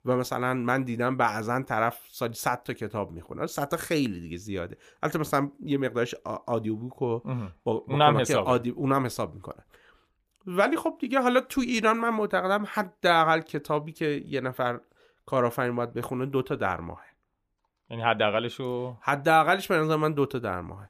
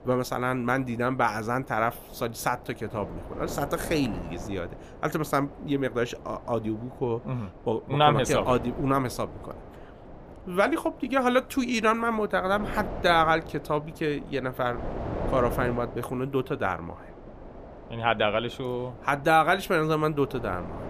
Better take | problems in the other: first | wind noise on the microphone; occasional gusts; 15 dB below the speech

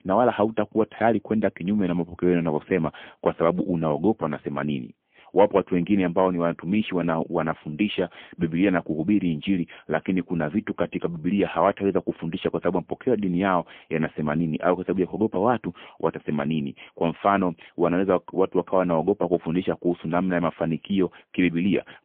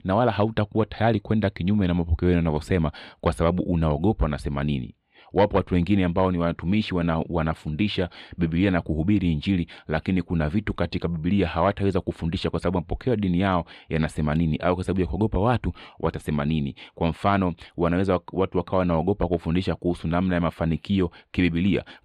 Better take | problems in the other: second | phone-call audio; poor line; nothing above 3.5 kHz

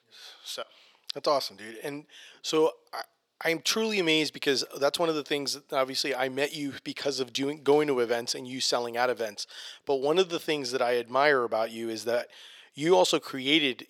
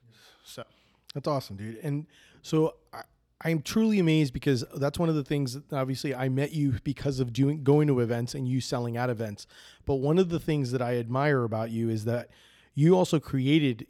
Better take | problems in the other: second | thin; very; fading below 550 Hz

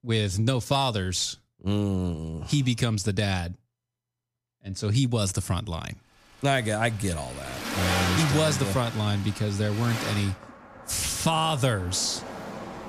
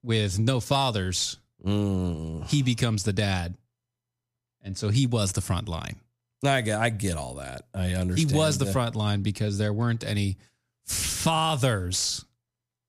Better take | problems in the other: second | traffic noise; loud; from 6.5 s on; 7 dB below the speech

